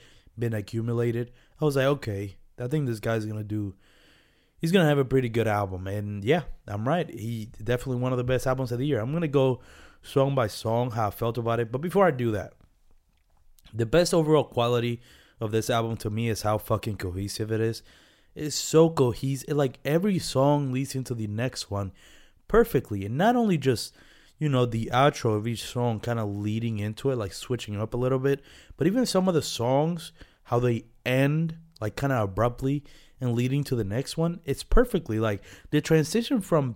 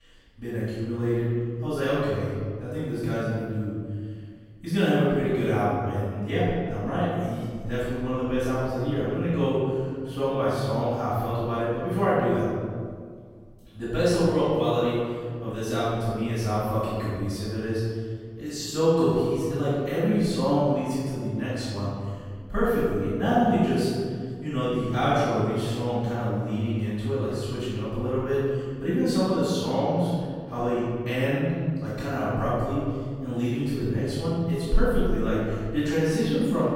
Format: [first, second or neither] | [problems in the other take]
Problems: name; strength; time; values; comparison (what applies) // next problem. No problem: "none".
first | off-mic speech; far // room echo; strong; dies away in 1.9 s